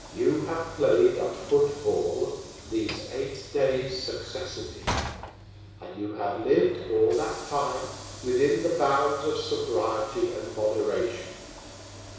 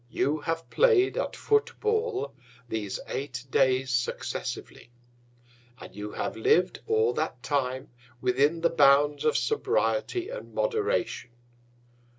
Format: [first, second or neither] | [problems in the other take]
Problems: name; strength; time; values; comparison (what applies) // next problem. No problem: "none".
second | background sound (Sliding door / Train); 13 dB below the speech // room echo; dies away in 1.1 s